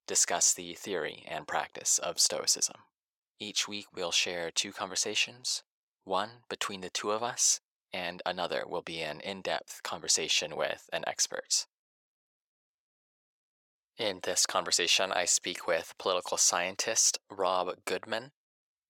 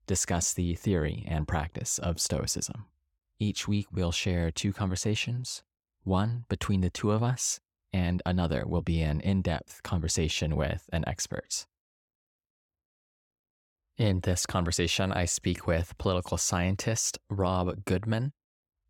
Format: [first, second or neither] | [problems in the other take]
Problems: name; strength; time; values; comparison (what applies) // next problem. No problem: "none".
second | thin; very; fading below 600 Hz